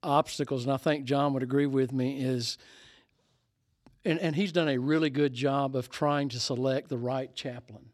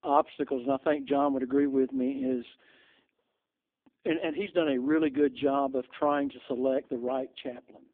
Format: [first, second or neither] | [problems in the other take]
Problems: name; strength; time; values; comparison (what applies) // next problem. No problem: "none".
first | phone-call audio; poor line